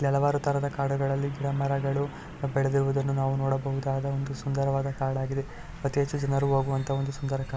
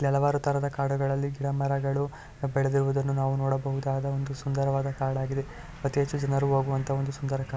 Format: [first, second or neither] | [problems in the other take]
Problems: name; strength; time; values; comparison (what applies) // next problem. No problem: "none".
second | background sound (Truck); 16 dB below the speech